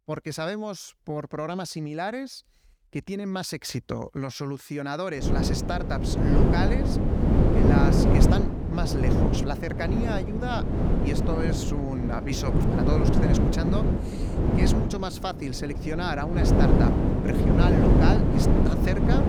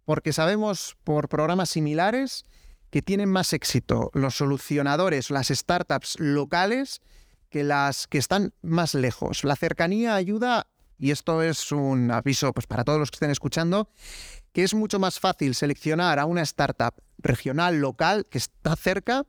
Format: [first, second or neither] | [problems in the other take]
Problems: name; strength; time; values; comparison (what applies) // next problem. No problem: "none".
second | wind noise on the microphone; heavy; from 5.5 s on; 3 dB above the speech